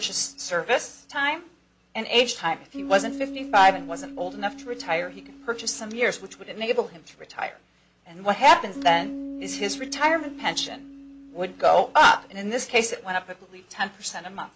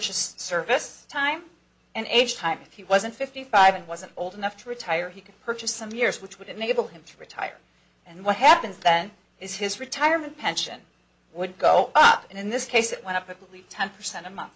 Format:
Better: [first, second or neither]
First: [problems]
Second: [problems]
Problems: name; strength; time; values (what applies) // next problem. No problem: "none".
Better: second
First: background sound (Bass guitar); 15 dB below the speech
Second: none